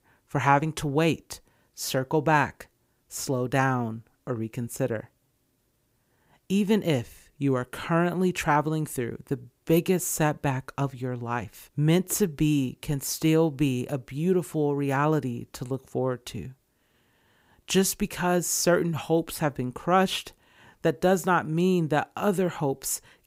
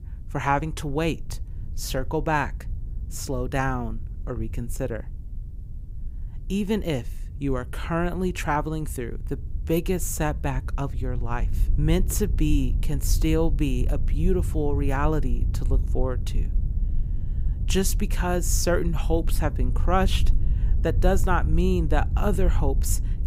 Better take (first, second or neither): first